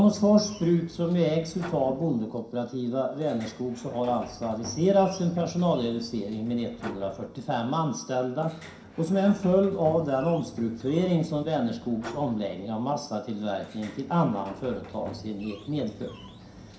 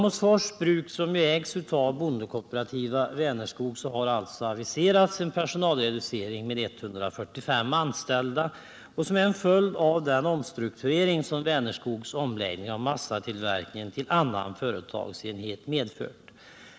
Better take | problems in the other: second | background sound (Sliding door); 18 dB below the speech // room echo; dies away in 0.5 s

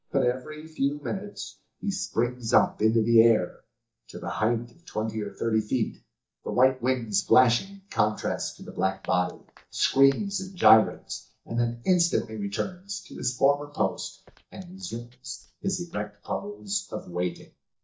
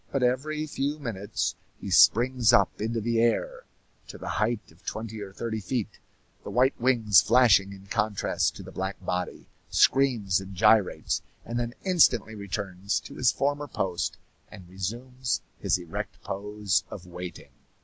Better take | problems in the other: second | noise reduction (neural mask model DeepFilterNet 3)

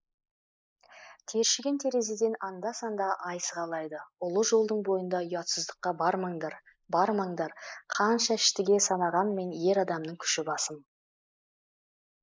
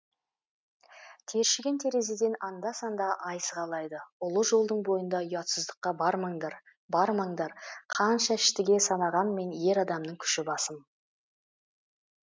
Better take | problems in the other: second | noise reduction (neural mask model Resemble Enhance denoiser)

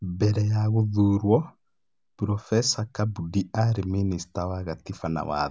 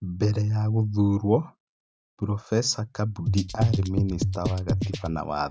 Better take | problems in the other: first | noise reduction (neural mask model RNNoise)

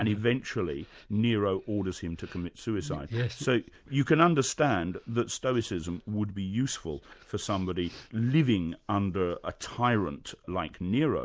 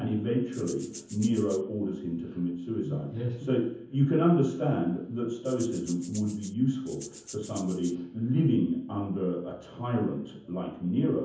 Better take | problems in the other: first | background sound (Rattle (instrument)); 17 dB below the speech // room echo; dies away in 0.7 s

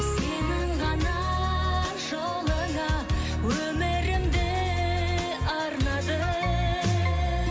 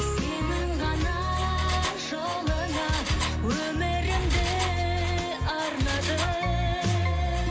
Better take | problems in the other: first | background sound (Engine); 11 dB below the speech

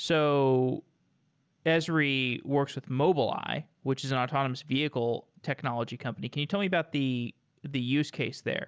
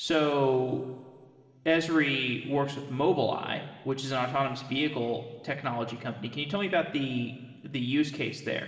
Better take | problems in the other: first | room echo; dies away in 2.1 s

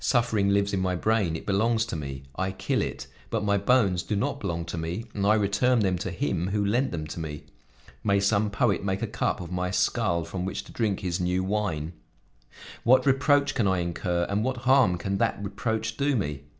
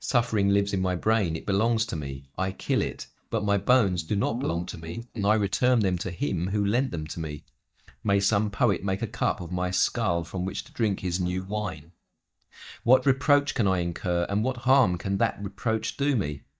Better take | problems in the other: first | noise reduction (neural mask model DeepFilterNet 3)

